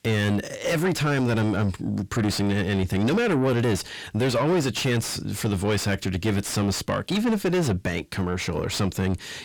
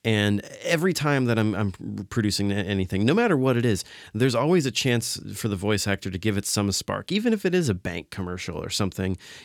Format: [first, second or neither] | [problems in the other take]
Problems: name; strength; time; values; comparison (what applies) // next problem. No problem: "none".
second | distortion; heavy; 7 dB below the speech